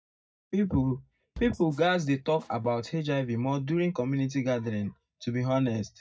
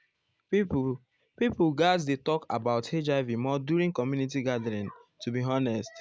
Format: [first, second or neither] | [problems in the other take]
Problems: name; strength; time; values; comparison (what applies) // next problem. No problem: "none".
second | noise reduction (neural mask model DeepFilterNet 3)